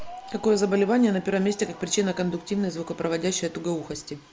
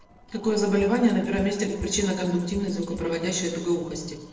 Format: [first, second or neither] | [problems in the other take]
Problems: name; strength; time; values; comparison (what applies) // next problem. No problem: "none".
first | noise reduction (neural separator model SepFormer DNS4)